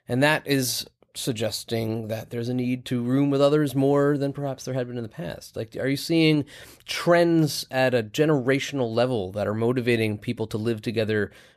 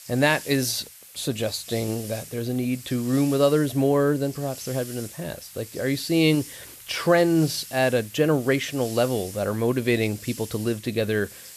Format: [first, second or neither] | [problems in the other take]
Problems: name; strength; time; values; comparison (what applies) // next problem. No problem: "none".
first | hiss; noticeable; throughout; 15 dB below the speech